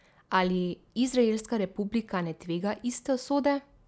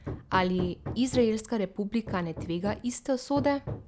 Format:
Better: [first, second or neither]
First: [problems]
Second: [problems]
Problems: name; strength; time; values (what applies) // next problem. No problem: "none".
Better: first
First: none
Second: background sound (Hammer); 10 dB below the speech